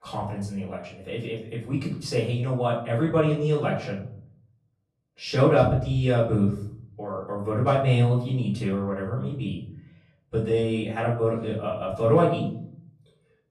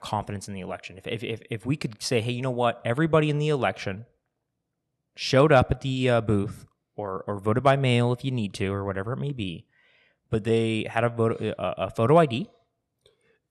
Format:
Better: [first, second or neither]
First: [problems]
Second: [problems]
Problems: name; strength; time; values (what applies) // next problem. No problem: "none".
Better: second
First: off-mic speech; far // room echo; noticeable; dies away in 0.7 s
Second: none